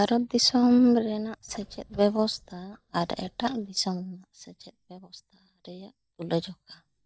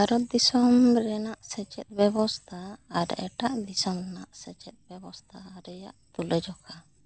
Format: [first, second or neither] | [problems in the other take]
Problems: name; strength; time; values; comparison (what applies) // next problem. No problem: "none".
second | noise reduction (neural mask model DeepFilterNet 3)